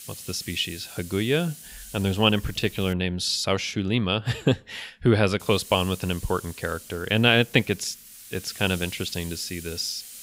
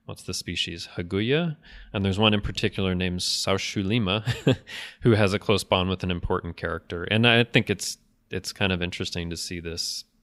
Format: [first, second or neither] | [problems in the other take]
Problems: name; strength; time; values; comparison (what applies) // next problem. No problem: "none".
second | hiss; noticeable; until 3 s and from 5.5 s on; 15 dB below the speech